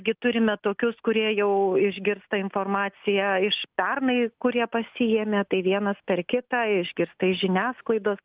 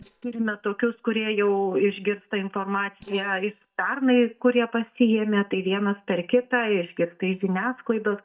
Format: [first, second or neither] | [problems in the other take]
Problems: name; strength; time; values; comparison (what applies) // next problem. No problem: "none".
first | noise reduction (neural mask model DeepFilterNet 3)